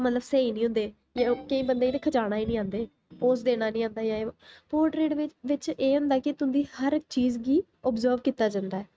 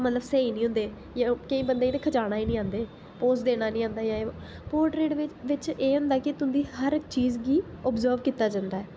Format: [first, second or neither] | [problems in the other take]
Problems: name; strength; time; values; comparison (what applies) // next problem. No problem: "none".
second | noise reduction (neural mask model RNNoise)